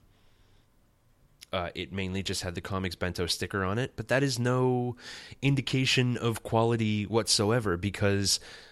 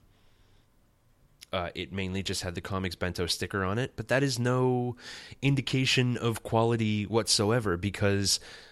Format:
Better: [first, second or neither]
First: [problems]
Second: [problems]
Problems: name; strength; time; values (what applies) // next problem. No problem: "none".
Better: neither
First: none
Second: none